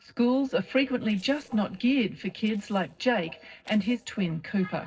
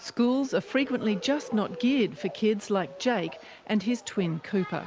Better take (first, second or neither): second